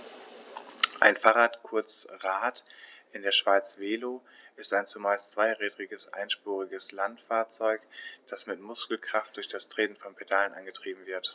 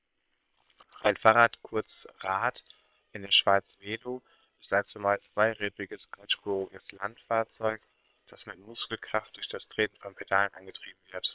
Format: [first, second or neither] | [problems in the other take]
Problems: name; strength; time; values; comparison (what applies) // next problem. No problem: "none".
first | noise reduction (neural separator model SepFormer WHAM!)